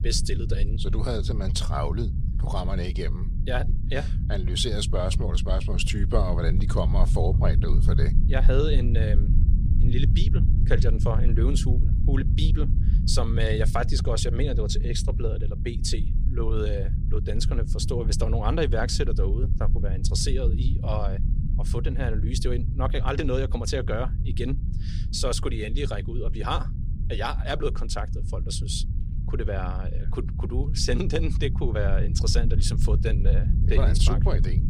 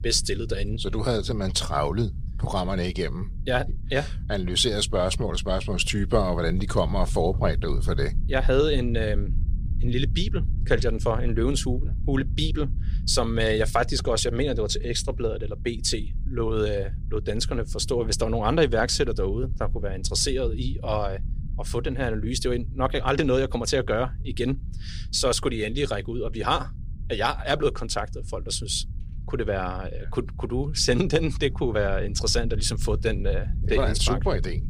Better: second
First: low rumble; loud; throughout; 10 dB below the speech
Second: low rumble; faint; throughout; 20 dB below the speech

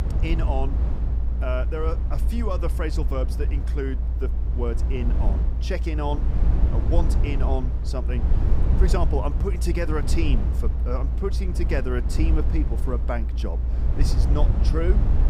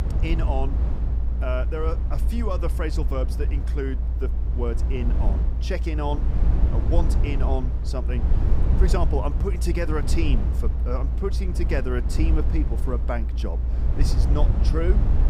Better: neither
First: low rumble; loud; throughout; 7 dB below the speech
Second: low rumble; loud; throughout; 7 dB below the speech

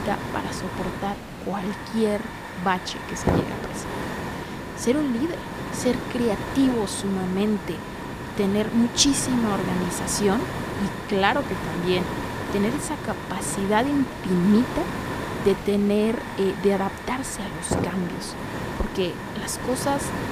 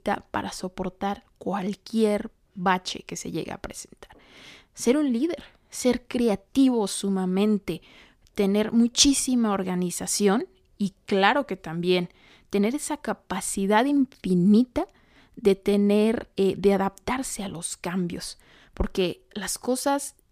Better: second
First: hiss; loud; throughout; 6 dB below the speech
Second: none

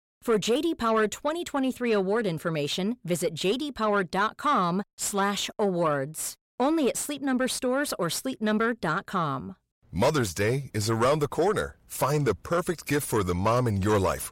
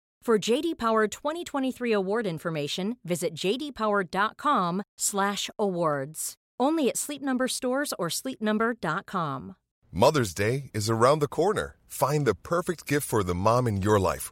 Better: second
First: distortion; slight; 10 dB below the speech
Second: none

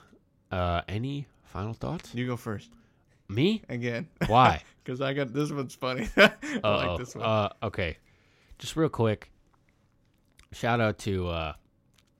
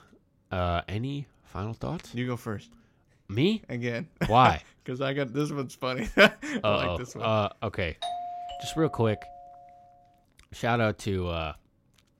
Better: first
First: none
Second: doorbell; noticeable; from 8 to 9.5 s; peak 7 dB below the speech

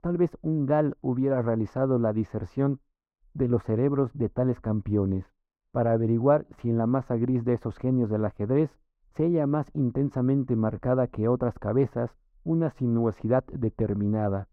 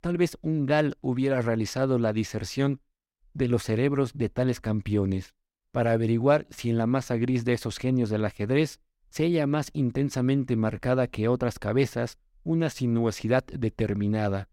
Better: second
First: muffled; very; fading above 1.5 kHz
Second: none

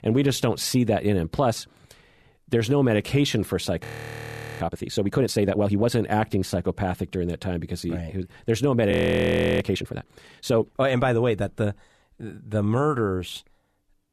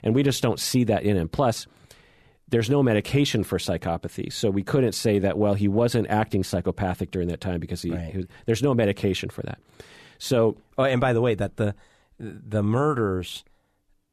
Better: second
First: audio freezing; at 4 s for 0.5 s and at 9 s for 0.5 s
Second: none

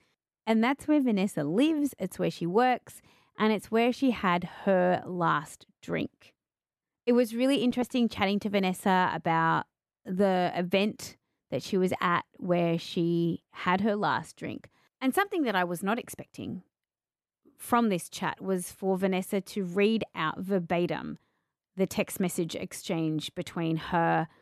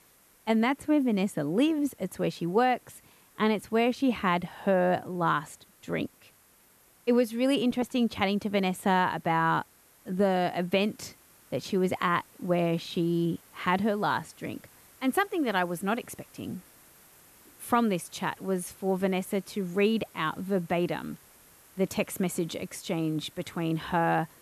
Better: first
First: none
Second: hiss; faint; throughout; 25 dB below the speech

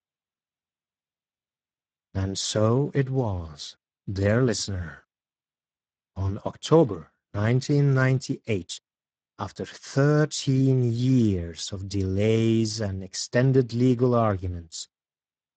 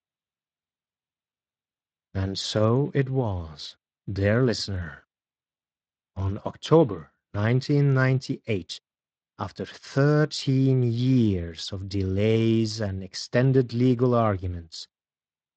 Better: second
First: garbled, watery; badly; nothing above 8 kHz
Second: garbled, watery; slightly; nothing above 8 kHz

